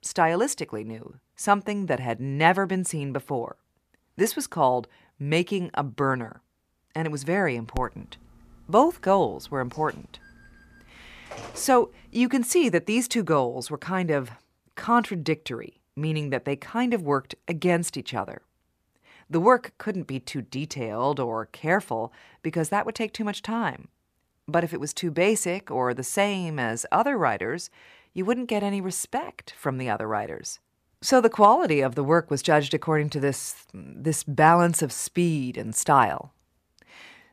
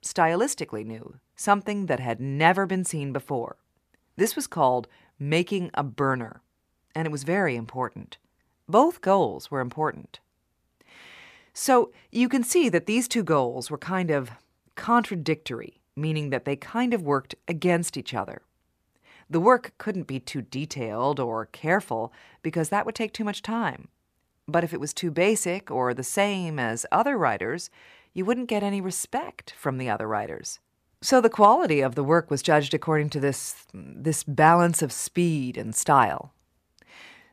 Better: second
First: phone ringing; faint; from 8 to 12 s; peak 15 dB below the speech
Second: none

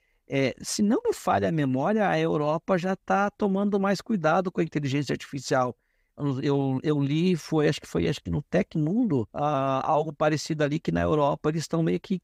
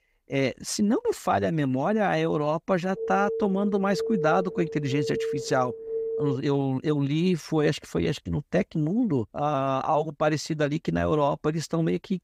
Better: first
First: none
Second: phone ringing; noticeable; from 3 to 6.5 s; peak 3 dB below the speech

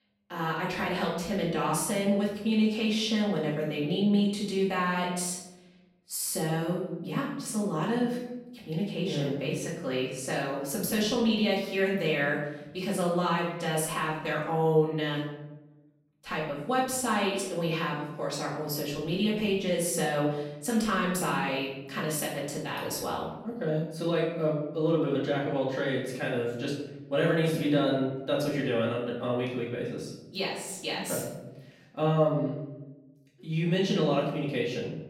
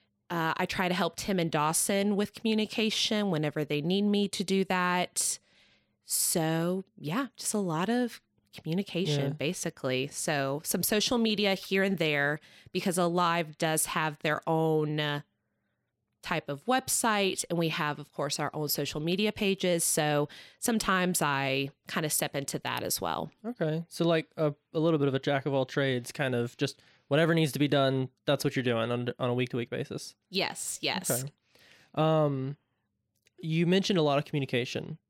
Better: second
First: off-mic speech; far // room echo; noticeable; dies away in 0.9 s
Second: none

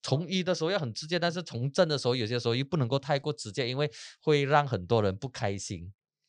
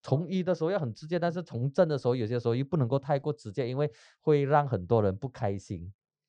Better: first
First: none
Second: muffled; slightly; fading above 1.5 kHz

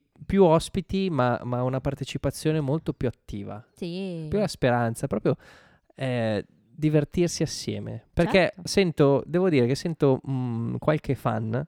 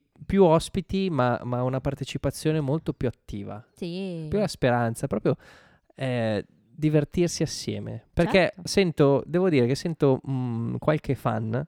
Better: neither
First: none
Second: none

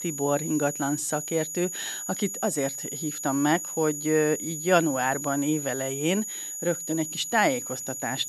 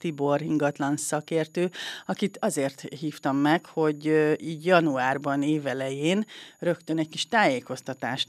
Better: second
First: high-pitched whine; loud; throughout; 7 kHz, 5 dB below the speech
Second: high-pitched whine; faint; throughout; 7 kHz, 35 dB below the speech

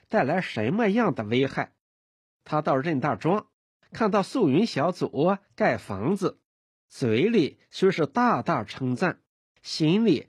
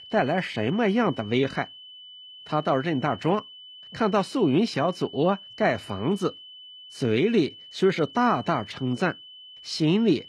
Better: first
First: none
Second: high-pitched whine; noticeable; throughout; 3 kHz, 20 dB below the speech

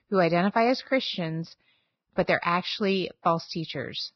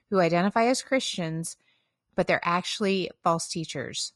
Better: second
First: garbled, watery; badly; nothing above 5.5 kHz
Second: garbled, watery; slightly; nothing above 11 kHz

